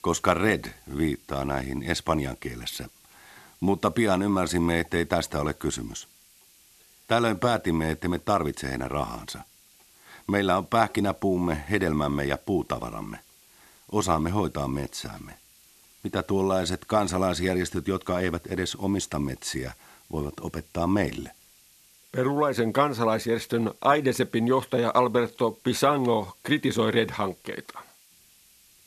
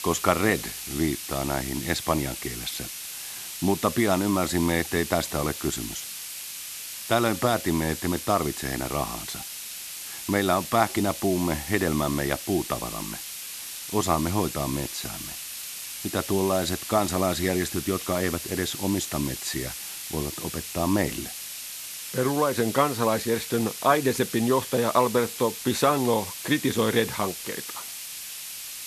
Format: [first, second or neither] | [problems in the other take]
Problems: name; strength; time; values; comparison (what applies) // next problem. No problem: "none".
first | hiss; loud; throughout; 8 dB below the speech; faint in the first